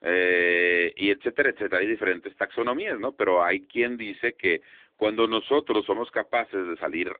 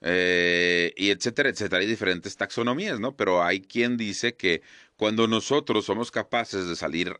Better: second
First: phone-call audio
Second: none

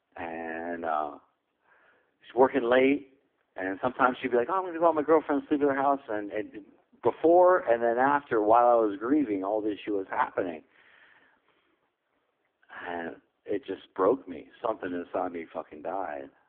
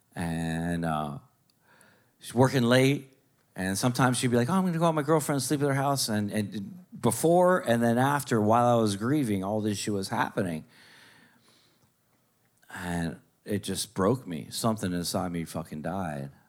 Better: second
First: phone-call audio; poor line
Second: none

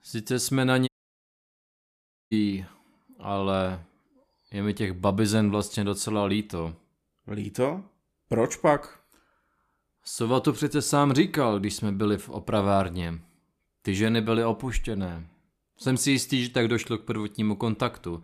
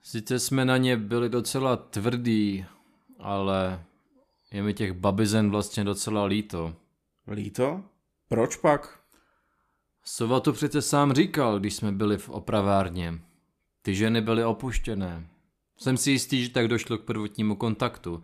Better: second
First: audio cutting out; at 1 s for 1.5 s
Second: none

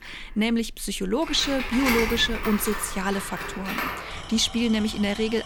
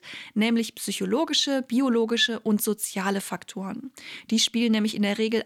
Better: second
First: machinery noise; loud; throughout; 6 dB below the speech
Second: none

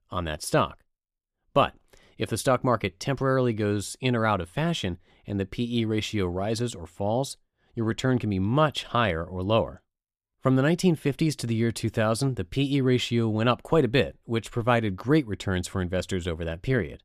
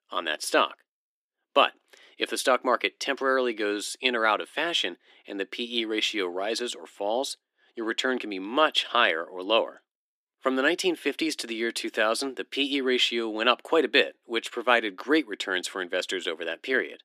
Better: first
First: none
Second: thin; somewhat; fading below 300 Hz

